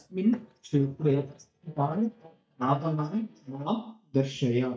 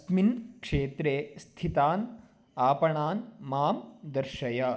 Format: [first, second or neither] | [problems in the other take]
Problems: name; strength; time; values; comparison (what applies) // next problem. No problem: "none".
second | noise reduction (neural mask model DeepFilterNet 3)